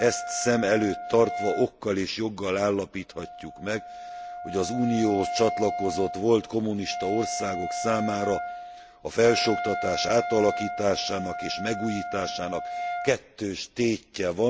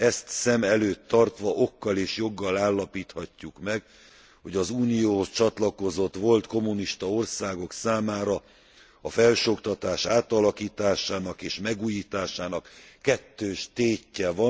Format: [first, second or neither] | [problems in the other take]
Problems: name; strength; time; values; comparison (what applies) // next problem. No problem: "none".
second | background sound (Wind instrument, woodwind instrument); 7 dB below the speech